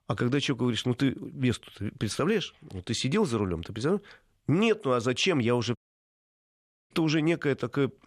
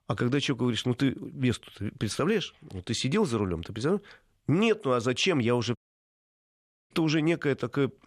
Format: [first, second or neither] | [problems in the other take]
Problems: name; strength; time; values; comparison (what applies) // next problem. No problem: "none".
neither | audio cutting out; at 6 s for 1 s; the same in both